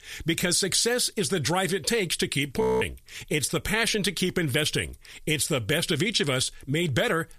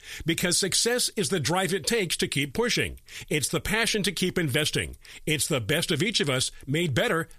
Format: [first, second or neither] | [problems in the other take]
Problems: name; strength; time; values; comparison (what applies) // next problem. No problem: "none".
second | audio freezing; at 2.5 s